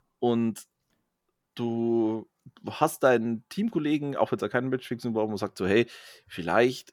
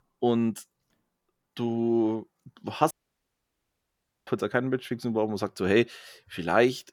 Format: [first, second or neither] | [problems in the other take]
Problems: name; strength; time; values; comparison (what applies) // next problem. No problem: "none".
first | audio cutting out; at 3 s for 1.5 s